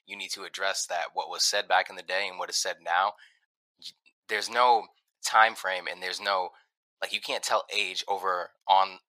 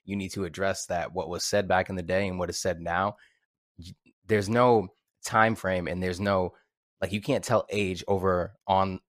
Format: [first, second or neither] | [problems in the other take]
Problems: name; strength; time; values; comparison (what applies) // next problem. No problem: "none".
second | thin; very; fading below 900 Hz